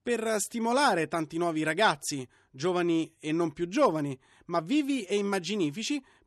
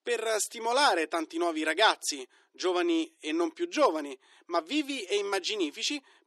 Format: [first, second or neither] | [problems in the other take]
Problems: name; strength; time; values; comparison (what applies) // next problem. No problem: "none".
first | thin; somewhat; fading below 300 Hz